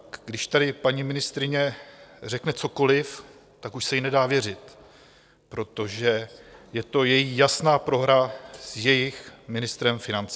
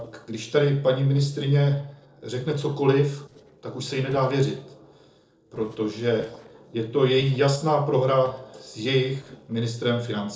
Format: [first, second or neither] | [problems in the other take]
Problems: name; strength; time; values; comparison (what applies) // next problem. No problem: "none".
first | noise reduction (neural separator model SepFormer DNS4)